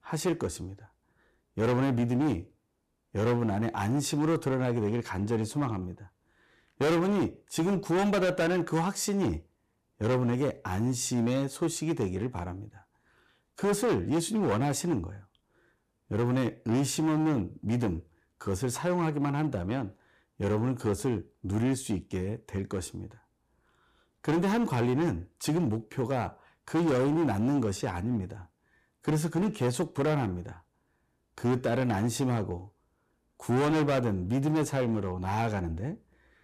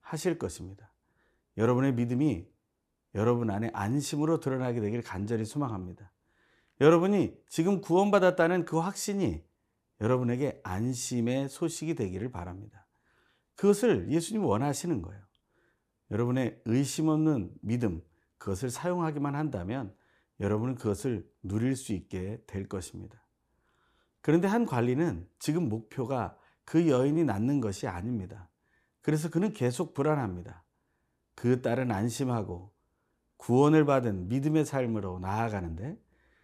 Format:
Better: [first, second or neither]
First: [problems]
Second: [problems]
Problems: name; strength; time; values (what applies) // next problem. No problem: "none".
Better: second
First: distortion; heavy; 11% of the sound clipped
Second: none